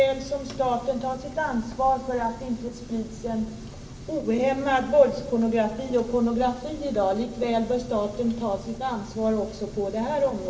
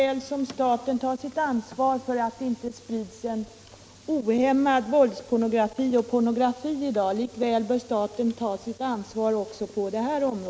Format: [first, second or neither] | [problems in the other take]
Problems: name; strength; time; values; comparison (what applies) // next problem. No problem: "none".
second | background sound (Engine); 15 dB below the speech // room echo; dies away in 0.7 s